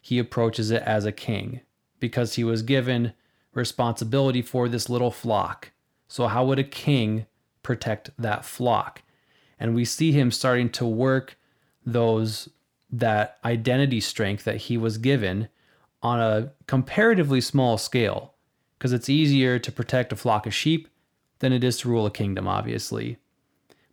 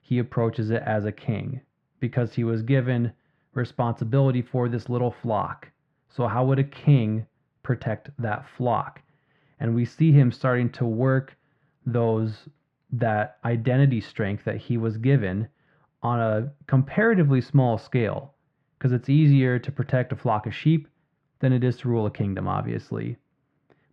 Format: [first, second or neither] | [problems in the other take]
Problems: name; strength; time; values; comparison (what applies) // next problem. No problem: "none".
first | muffled; very; fading above 1.5 kHz